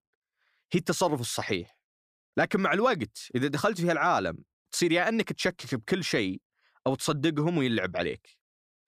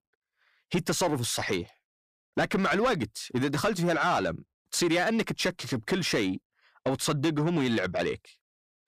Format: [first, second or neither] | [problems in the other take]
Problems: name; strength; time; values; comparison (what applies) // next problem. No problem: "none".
first | distortion; slight; 10 dB below the speech